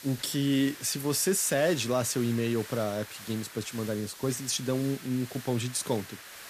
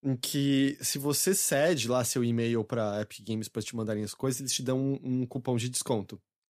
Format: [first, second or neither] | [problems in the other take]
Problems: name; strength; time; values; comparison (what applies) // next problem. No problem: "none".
second | hiss; noticeable; throughout; 15 dB below the speech